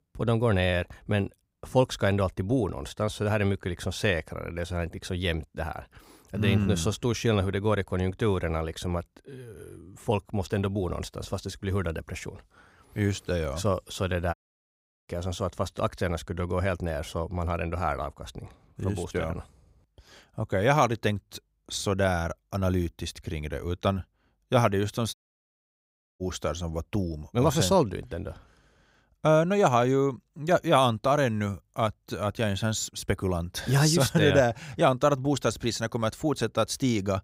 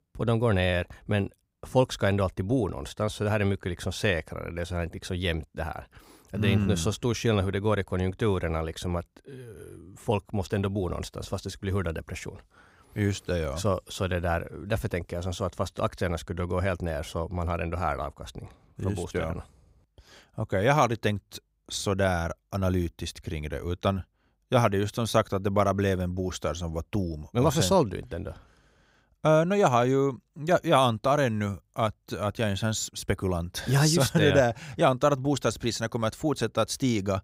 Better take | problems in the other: second | audio cutting out; at 14 s for 0.5 s and at 25 s for 1 s

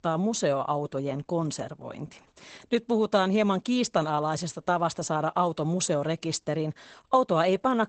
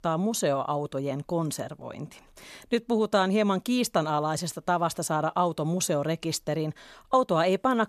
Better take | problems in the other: second | garbled, watery; badly; nothing above 8 kHz

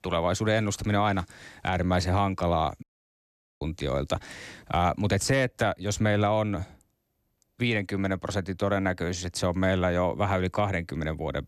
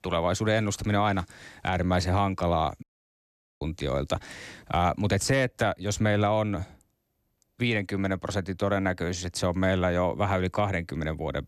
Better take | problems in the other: neither | audio cutting out; at 3 s for 1 s; the same in both

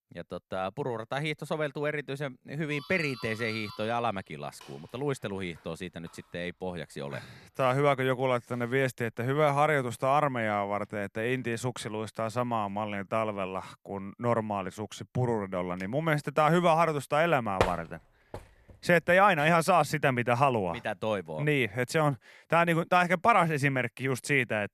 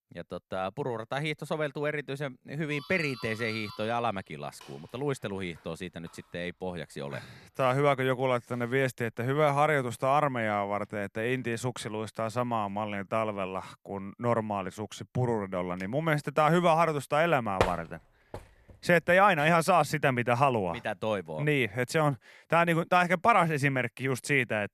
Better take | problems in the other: neither | doorbell; faint; from 2.5 to 7.5 s; peak 15 dB below the speech; the same in both // door banging; noticeable; at 18 s; peak 2 dB below the speech; the same in both

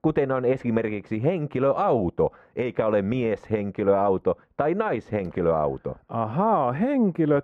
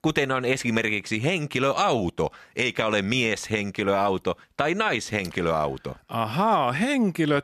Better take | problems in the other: second | muffled; very; fading above 2.5 kHz

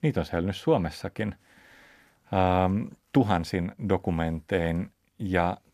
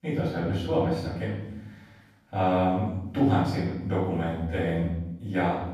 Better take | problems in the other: first | room echo; noticeable; dies away in 1 s // off-mic speech; far

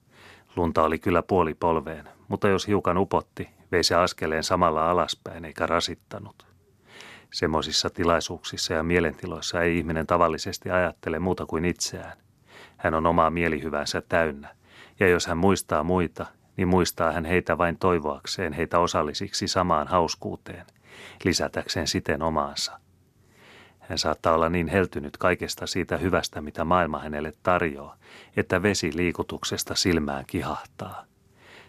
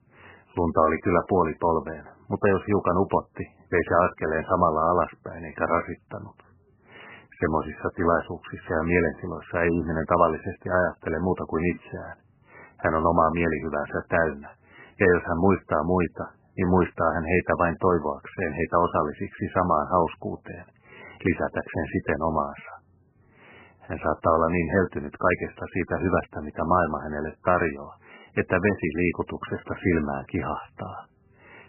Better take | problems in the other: first | garbled, watery; badly; nothing above 2.5 kHz

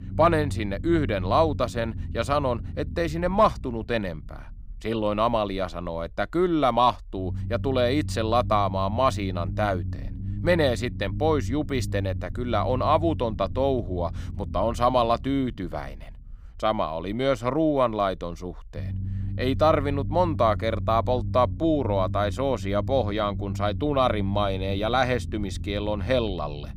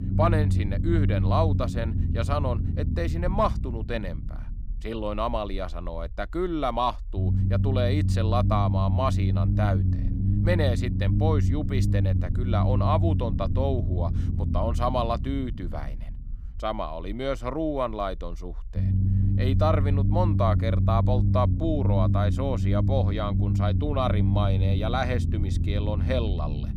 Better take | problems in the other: first | low rumble; loud; throughout; 8 dB below the speech; faint in the first

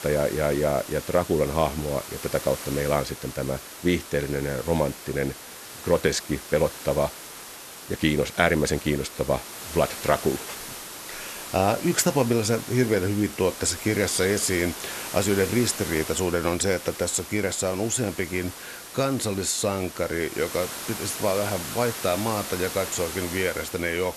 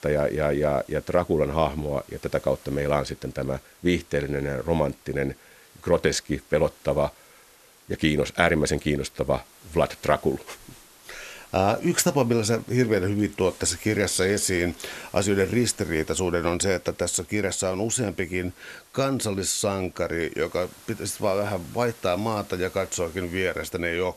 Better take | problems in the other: second | hiss; loud; throughout; 10 dB below the speech; faint in the second

